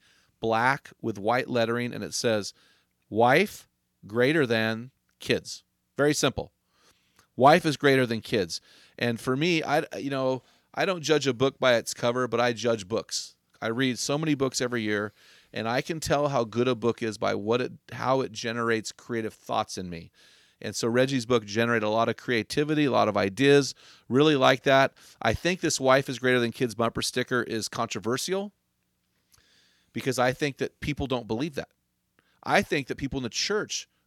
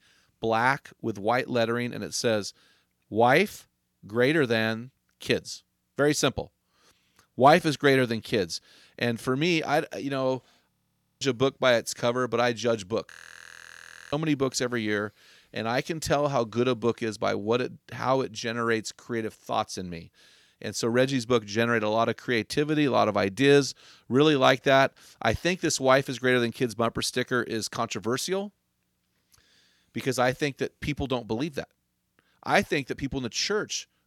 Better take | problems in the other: first | audio freezing; at 11 s for 0.5 s and at 13 s for 1 s

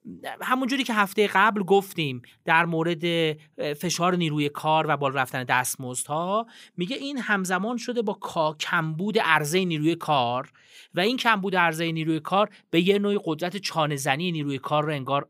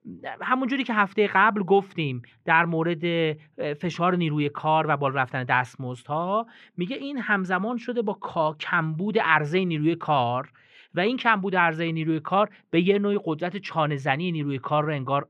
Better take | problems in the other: first | muffled; very; fading above 2 kHz

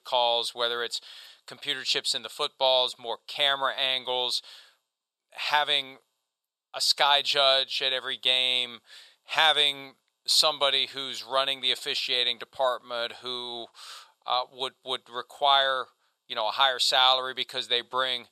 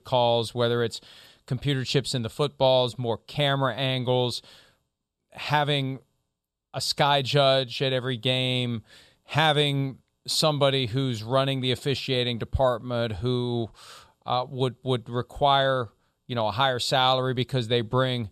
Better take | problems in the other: second | thin; very; fading below 800 Hz

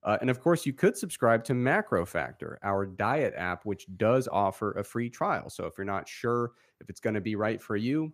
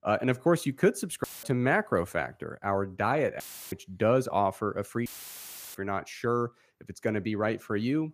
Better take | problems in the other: first | audio cutting out; filled with static; at 1 s, at 3.5 s and at 5 s for 0.5 s

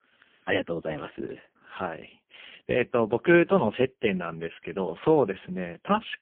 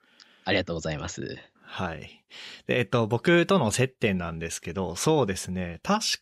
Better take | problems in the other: second | phone-call audio; poor line; nothing above 3 kHz

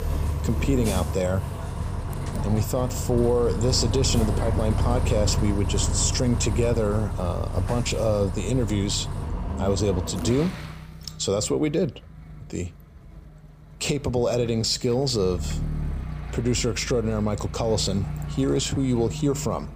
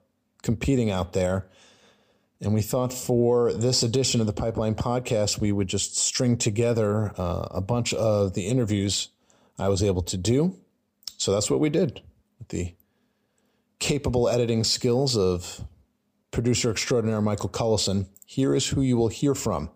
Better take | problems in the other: second | traffic noise; loud; throughout; 5 dB below the speech

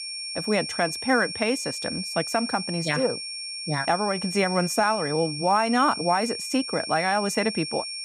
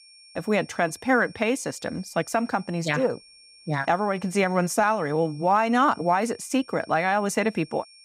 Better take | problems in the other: second | high-pitched whine; loud; throughout; 5.5 kHz, 6 dB below the speech; faint in the second

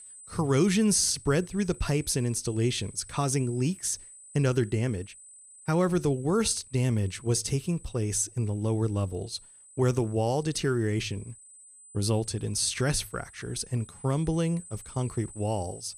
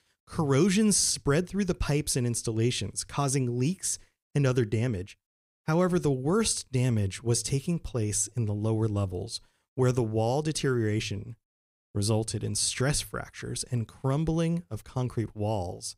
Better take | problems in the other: second | high-pitched whine; noticeable; throughout; 8 kHz, 20 dB below the speech

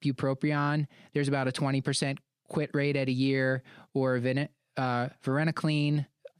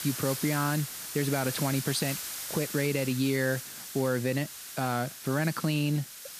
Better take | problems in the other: first | hiss; loud; throughout; 6 dB below the speech

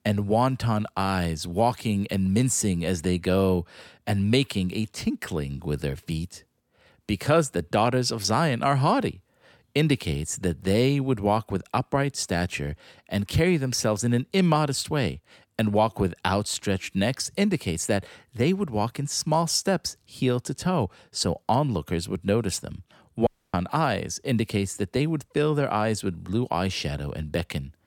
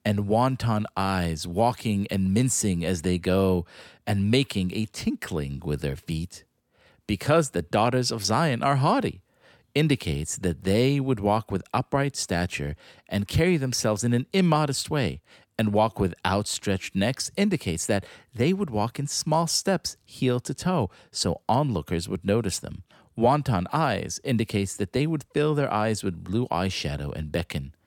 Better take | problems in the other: second | audio cutting out; at 23 s

